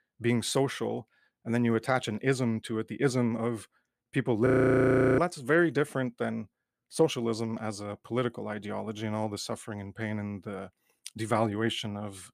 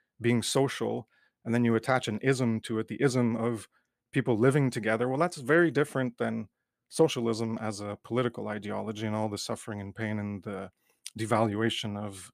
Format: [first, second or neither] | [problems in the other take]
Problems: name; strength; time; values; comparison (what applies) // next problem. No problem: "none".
second | audio freezing; at 4.5 s for 0.5 s